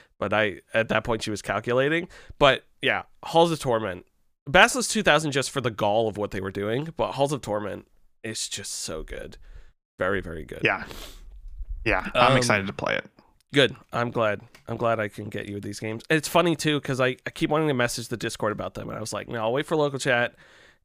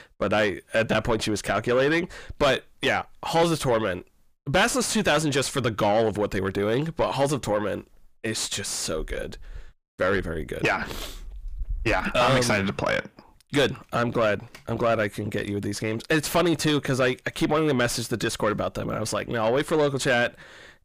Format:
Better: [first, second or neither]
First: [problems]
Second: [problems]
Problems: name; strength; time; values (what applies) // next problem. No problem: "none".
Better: first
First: none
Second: distortion; heavy; 6 dB below the speech